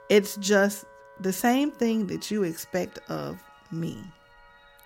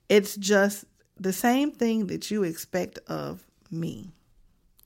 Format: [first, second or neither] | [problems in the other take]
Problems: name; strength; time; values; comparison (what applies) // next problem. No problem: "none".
second | background music; faint; throughout; 25 dB below the speech